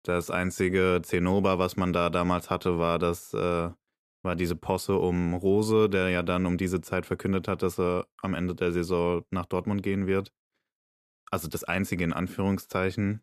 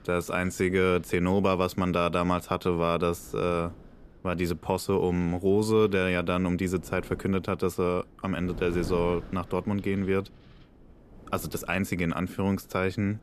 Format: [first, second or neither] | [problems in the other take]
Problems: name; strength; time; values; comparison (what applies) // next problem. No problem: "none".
first | wind noise on the microphone; occasional gusts; 25 dB below the speech